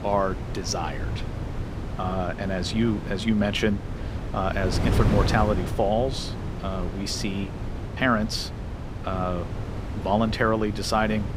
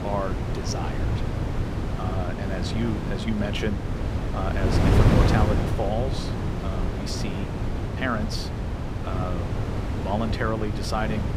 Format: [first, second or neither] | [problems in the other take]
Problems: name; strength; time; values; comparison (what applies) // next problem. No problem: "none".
first | wind noise on the microphone; heavy; 1 dB below the speech; occasional gusts in the first